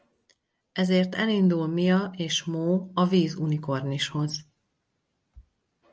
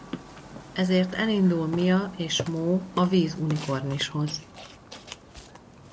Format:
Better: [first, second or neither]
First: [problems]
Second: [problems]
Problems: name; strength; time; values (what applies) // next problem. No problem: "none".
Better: first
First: none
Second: background sound (Burping, eructation); 14 dB below the speech